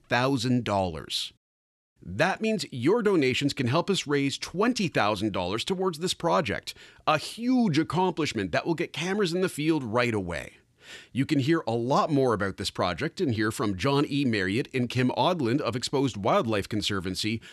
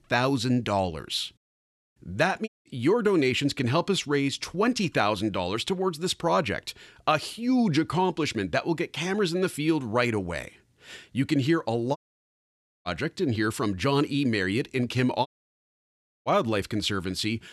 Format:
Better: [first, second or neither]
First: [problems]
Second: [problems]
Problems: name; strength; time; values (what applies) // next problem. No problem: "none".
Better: first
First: none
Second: audio cutting out; at 2.5 s, at 12 s for 1 s and at 15 s for 1 s